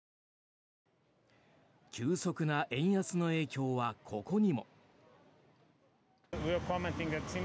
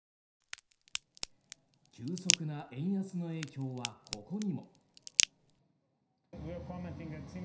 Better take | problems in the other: first | background sound (Crack); 4 dB above the speech // room echo; dies away in 0.5 s

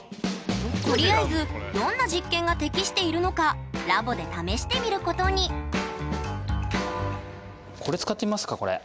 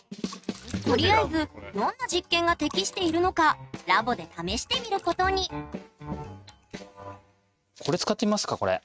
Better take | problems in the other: first | noise reduction (neural mask model RNNoise)

